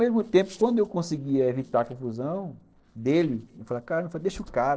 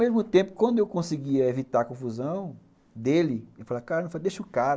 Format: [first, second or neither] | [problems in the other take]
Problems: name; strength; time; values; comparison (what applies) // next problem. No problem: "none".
second | noise reduction (neural separator model SepFormer DNS4)